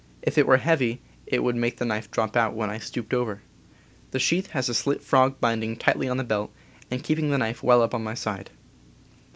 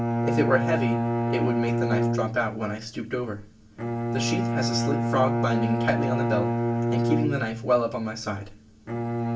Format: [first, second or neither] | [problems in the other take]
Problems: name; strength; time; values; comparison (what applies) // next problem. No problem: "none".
first | background sound (Bowed string instrument); 2 dB above the speech // room echo; dies away in 0.3 s